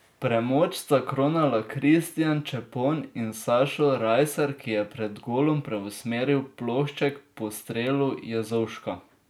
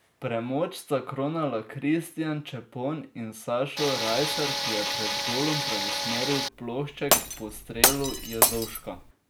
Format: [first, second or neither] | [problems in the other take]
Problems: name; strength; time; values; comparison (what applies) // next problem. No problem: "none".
first | background sound (Tools + Glass); 3 dB above the speech